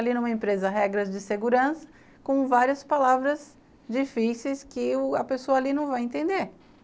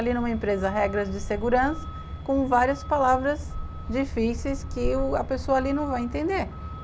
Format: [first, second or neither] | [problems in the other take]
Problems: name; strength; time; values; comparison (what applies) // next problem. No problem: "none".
first | background sound (Truck); 7 dB below the speech